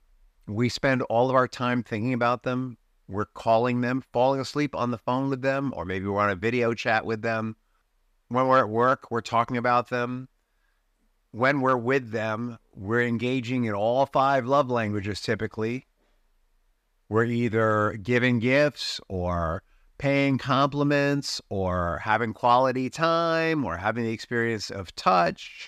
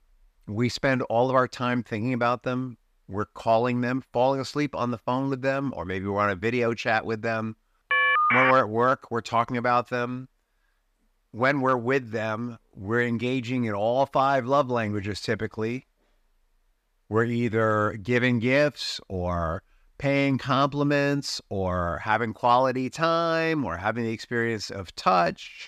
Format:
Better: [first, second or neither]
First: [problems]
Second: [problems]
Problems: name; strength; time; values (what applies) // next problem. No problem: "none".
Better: first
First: none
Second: phone ringing; loud; at 8 s; peak 6 dB above the speech